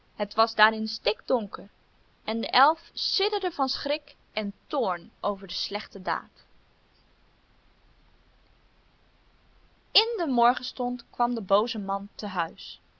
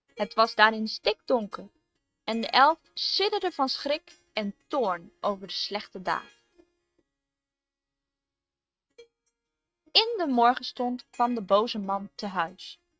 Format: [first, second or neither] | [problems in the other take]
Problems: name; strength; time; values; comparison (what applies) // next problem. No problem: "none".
first | noise reduction (neural mask model RNNoise)